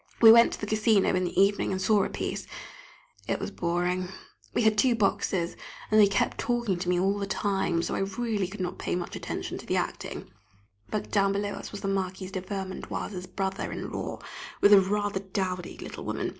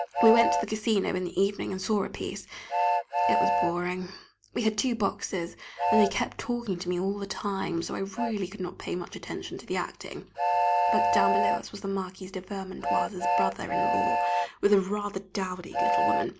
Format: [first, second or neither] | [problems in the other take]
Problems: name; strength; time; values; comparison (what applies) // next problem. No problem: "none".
first | background sound (Train); as loud as the speech